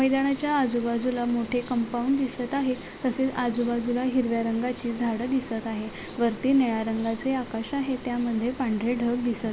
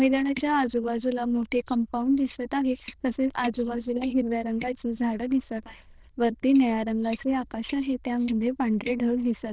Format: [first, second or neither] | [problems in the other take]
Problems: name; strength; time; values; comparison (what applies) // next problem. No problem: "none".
first | noise reduction (neural diffusion model UNIVERSE++)